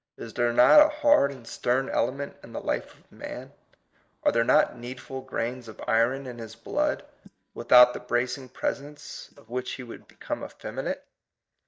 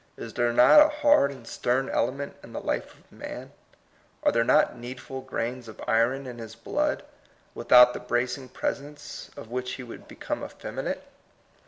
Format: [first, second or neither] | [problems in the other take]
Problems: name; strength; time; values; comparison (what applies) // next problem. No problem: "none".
second | noise reduction (neural mask model DeepFilterNet 3)